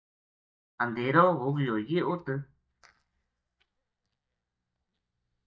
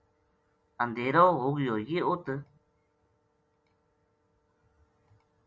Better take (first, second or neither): second